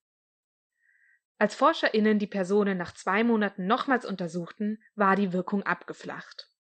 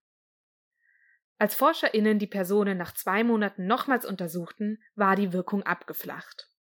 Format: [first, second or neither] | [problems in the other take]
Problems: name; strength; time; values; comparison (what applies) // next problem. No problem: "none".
second | garbled, watery; slightly; nothing above 8.5 kHz